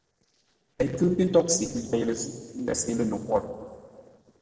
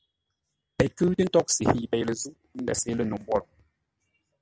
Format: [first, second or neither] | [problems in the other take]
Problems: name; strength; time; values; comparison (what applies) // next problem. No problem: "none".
second | noise reduction (neural separator model SepFormer DNS4)